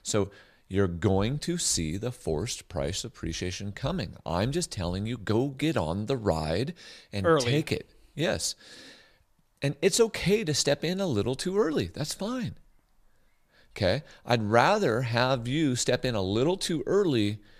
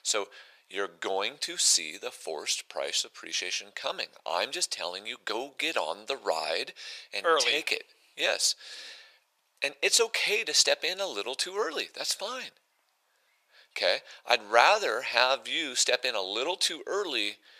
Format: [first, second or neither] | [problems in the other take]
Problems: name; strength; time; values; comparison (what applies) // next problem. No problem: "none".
first | thin; very; fading below 550 Hz